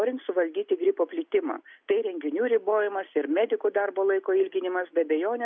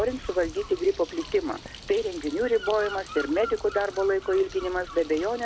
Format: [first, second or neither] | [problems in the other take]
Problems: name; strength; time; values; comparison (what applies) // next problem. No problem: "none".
first | background sound (Bird + Bird vocalization, bird call, bird song); 14 dB below the speech